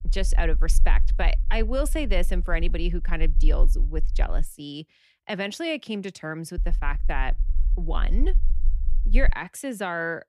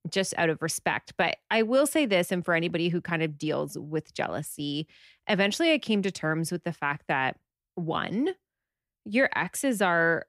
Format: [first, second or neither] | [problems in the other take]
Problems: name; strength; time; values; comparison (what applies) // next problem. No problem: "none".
second | low rumble; faint; until 4.5 s and from 6.5 to 9.5 s; 20 dB below the speech